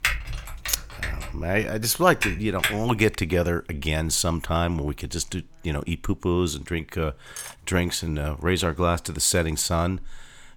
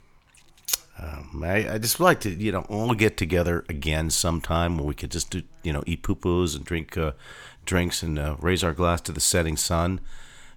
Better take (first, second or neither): second